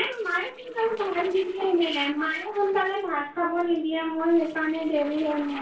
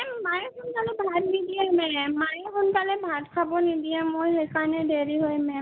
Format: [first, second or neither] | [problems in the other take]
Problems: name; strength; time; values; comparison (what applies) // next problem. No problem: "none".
second | noise reduction (neural separator model SepFormer DNS4)